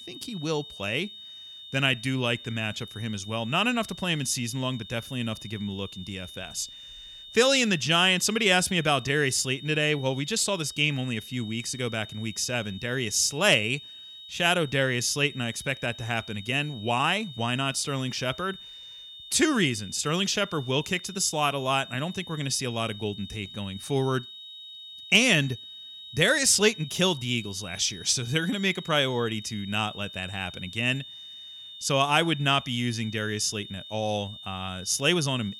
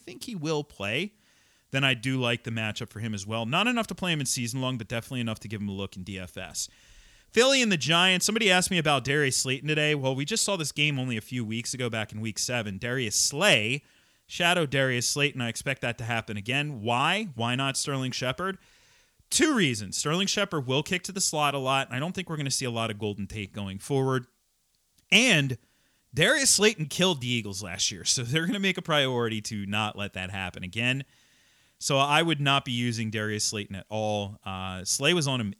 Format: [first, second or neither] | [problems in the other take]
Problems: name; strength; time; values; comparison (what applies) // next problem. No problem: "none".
second | high-pitched whine; noticeable; throughout; 3.5 kHz, 15 dB below the speech